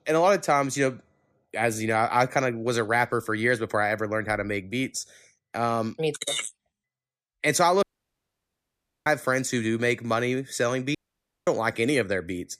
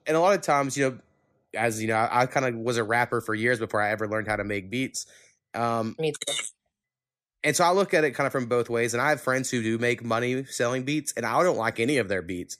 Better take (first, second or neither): second